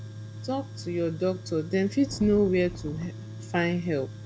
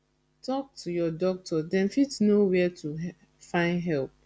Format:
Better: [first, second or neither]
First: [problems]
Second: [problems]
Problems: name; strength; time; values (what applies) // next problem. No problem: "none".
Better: second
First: background sound (Tools + Wind); 11 dB below the speech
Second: none